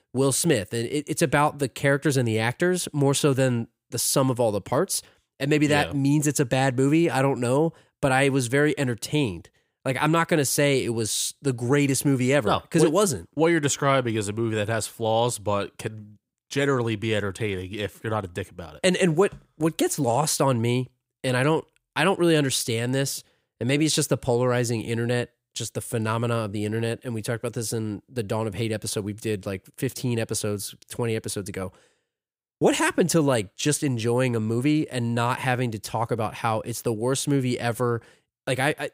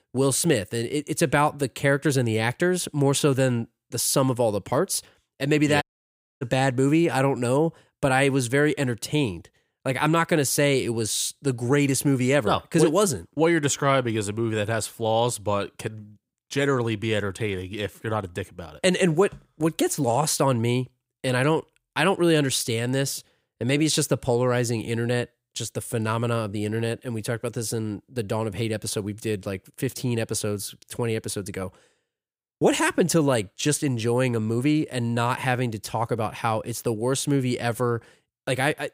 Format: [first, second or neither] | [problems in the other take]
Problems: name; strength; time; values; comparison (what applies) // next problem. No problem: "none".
first | audio cutting out; at 6 s for 0.5 s